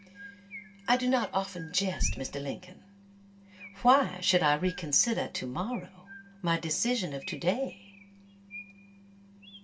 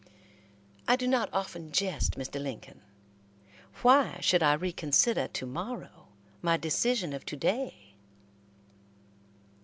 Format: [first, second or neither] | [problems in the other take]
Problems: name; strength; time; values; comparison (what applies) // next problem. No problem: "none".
second | background sound (Chirp, tweet); 19 dB below the speech // room echo; dies away in 0.2 s